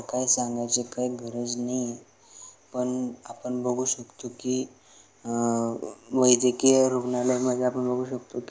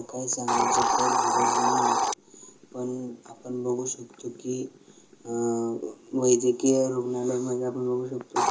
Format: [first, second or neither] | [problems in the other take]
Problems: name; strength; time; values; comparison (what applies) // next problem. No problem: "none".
first | background sound (Hiss); 1 dB below the speech // room echo; dies away in 0.2 s